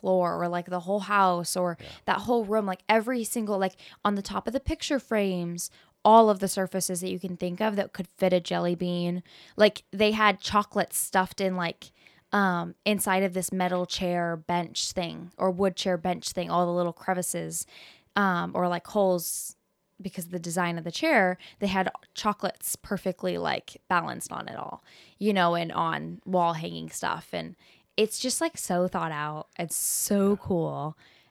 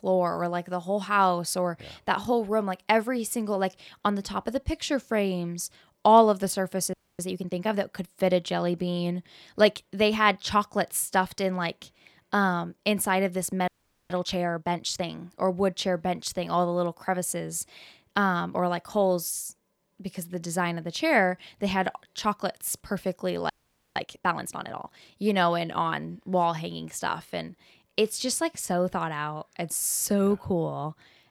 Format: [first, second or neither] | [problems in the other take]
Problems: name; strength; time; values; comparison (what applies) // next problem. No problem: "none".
first | audio freezing; at 7 s, at 14 s and at 24 s